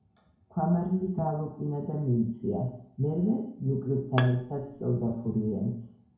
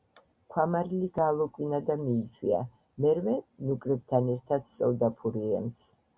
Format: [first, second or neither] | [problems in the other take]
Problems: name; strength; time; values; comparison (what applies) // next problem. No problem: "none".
second | background sound (Bowed string instrument); 13 dB below the speech // room echo; dies away in 0.6 s